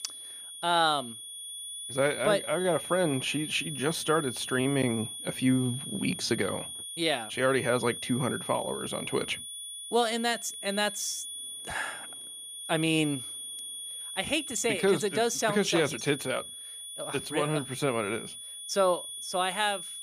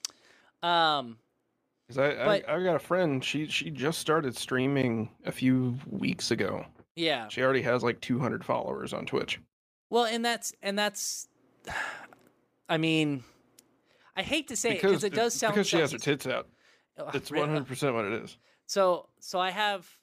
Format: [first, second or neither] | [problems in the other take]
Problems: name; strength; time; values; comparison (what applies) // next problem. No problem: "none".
second | high-pitched whine; loud; throughout; 3.5 kHz, 8 dB below the speech